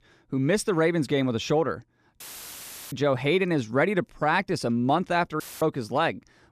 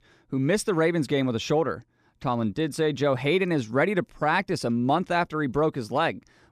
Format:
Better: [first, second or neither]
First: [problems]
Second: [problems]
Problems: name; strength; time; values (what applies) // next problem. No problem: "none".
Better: second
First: audio cutting out; filled with static; at 2 s for 0.5 s and at 5.5 s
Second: none